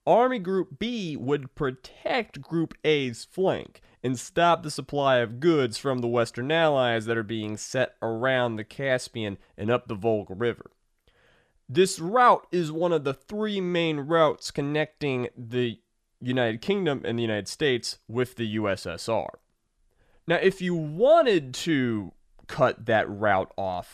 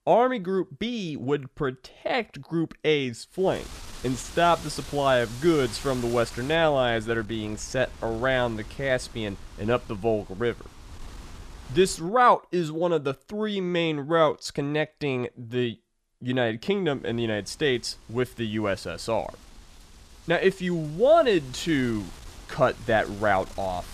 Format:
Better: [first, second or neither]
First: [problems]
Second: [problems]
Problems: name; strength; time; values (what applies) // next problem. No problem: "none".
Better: first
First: none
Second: wind noise on the microphone; occasional gusts; from 3.5 to 12 s and from 17 s on; 20 dB below the speech